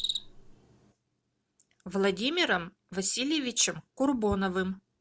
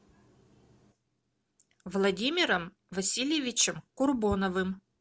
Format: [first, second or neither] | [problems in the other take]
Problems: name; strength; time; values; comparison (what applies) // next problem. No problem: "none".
second | background sound (Cricket); 14 dB below the speech